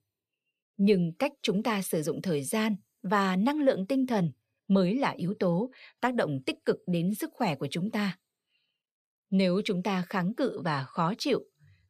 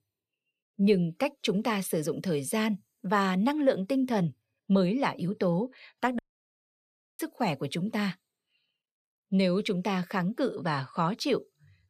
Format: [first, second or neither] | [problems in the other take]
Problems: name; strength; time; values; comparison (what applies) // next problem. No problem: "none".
first | audio cutting out; at 6 s for 1 s